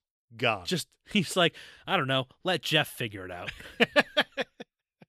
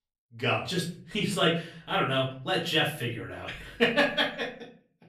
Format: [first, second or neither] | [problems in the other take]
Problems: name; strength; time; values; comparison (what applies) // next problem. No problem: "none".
first | off-mic speech; far // room echo; slight; dies away in 0.4 s